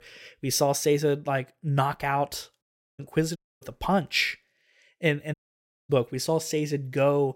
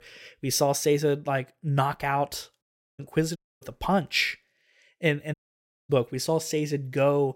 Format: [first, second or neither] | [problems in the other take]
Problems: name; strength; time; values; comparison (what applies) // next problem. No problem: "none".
neither | audio cutting out; at 2.5 s, at 3.5 s and at 5.5 s for 0.5 s; the same in both